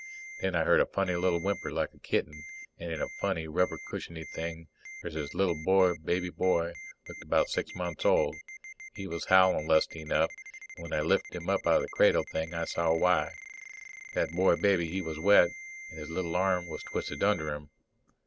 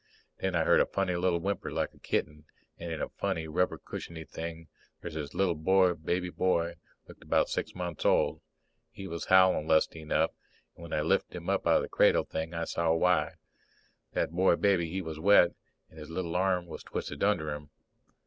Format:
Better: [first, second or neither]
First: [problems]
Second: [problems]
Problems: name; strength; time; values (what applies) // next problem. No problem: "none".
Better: second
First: background sound (Ringtone); 16 dB below the speech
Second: none